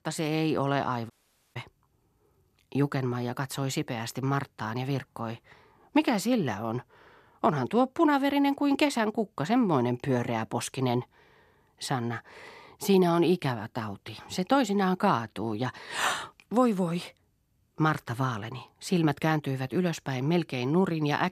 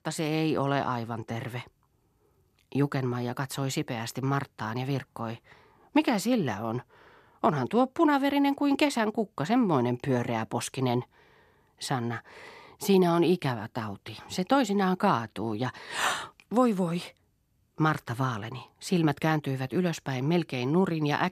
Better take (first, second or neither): second